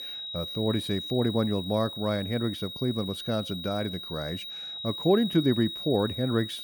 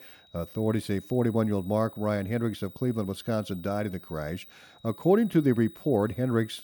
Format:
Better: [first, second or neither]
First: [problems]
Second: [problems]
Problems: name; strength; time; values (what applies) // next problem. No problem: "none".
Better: second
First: high-pitched whine; loud; throughout; 4 kHz, 7 dB below the speech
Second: high-pitched whine; faint; throughout; 4 kHz, 30 dB below the speech